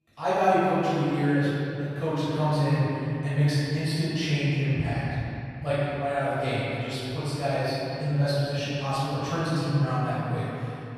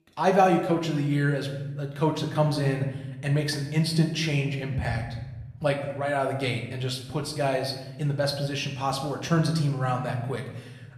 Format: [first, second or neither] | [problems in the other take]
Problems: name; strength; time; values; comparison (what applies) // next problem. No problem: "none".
second | room echo; strong; dies away in 2.8 s; slight in the second // off-mic speech; far; somewhat distant in the second